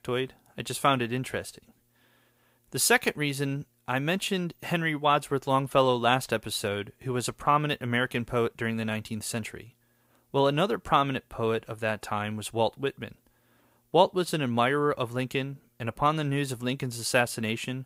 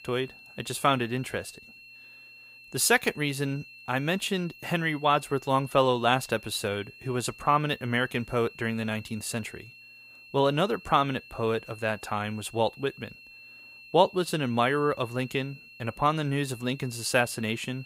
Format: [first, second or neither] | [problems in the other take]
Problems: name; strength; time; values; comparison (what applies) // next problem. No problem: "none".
first | high-pitched whine; noticeable; throughout; 2.5 kHz, 20 dB below the speech